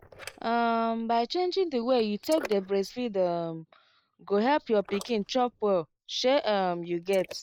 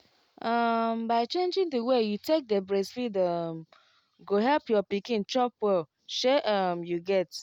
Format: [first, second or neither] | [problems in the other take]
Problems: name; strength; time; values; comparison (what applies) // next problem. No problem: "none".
second | noise reduction (neural mask model Resemble Enhance denoiser)